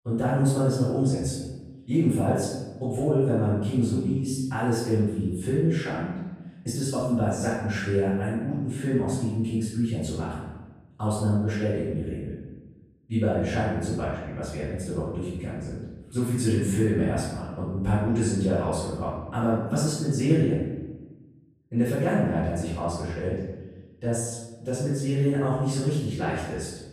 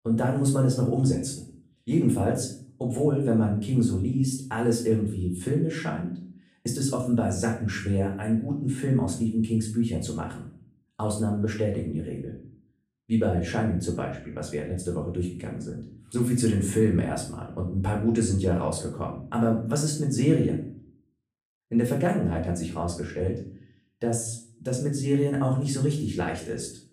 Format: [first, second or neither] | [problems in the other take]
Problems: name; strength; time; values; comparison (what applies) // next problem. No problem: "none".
second | room echo; strong; dies away in 1 s; slight in the second // off-mic speech; far; far in the second